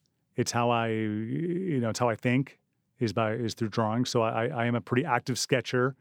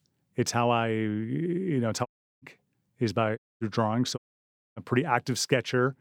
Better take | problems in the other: first | audio cutting out; at 2 s, at 3.5 s and at 4 s for 0.5 s

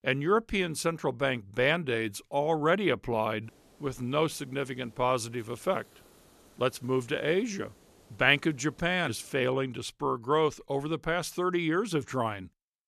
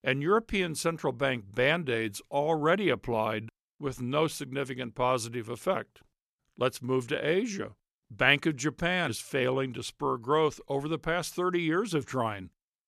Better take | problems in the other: second | hiss; faint; from 3.5 to 9.5 s; 30 dB below the speech

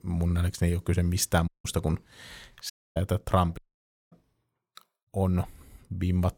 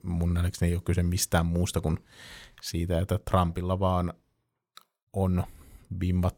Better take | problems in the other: second | audio cutting out; at 1.5 s, at 2.5 s and at 3.5 s for 0.5 s

